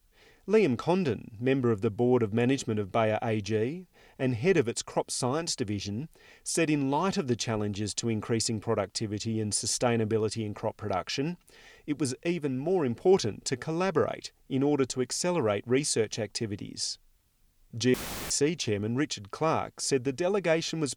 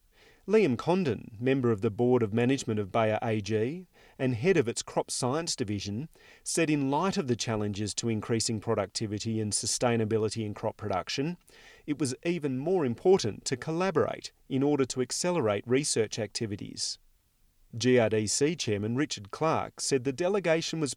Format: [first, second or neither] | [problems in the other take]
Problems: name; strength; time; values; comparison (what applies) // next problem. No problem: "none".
second | audio cutting out; filled with static; at 18 s